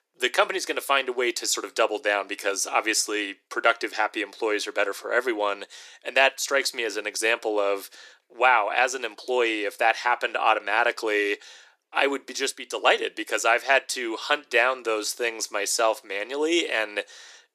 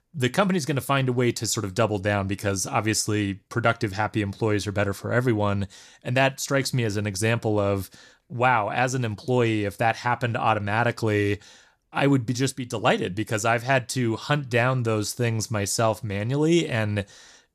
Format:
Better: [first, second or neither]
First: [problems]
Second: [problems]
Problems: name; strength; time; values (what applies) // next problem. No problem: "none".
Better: second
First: thin; very; fading below 350 Hz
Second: none